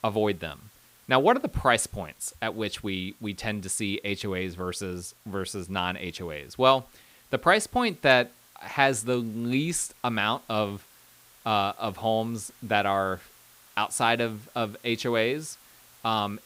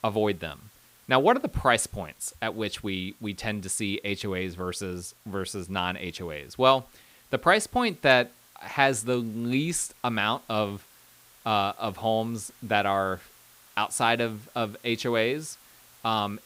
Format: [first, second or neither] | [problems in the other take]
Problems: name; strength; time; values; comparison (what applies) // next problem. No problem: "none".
neither | hiss; faint; throughout; 25 dB below the speech; the same in both